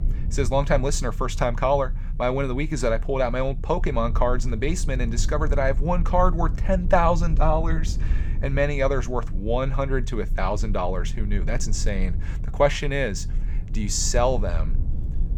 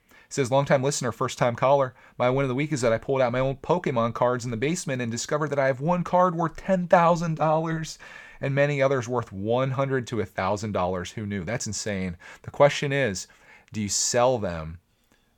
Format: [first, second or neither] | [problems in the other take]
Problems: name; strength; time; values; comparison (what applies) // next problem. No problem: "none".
second | low rumble; faint; throughout; 20 dB below the speech